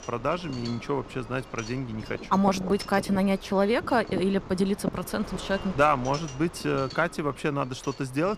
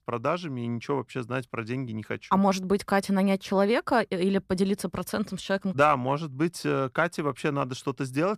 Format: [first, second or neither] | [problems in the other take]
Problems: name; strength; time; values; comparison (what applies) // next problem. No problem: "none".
second | wind noise on the microphone; occasional gusts; 15 dB below the speech